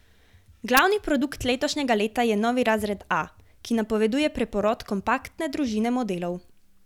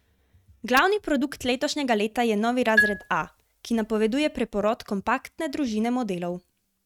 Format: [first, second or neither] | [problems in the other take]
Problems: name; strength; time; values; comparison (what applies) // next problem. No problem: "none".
first | noise reduction (neural mask model RNNoise)